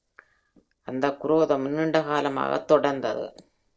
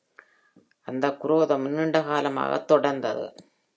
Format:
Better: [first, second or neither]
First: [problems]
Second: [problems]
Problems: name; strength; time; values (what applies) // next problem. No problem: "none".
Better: second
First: noise reduction (neural separator model SepFormer DNS4)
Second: none